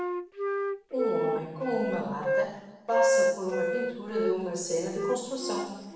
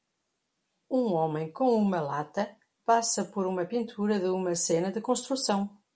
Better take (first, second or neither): second